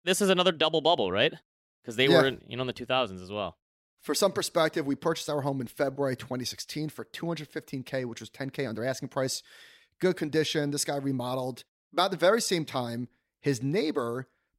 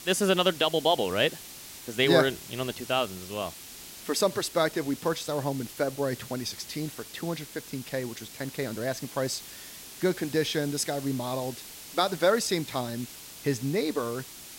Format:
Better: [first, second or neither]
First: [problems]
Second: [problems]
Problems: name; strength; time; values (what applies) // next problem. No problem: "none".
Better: first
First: none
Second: hiss; noticeable; throughout; 15 dB below the speech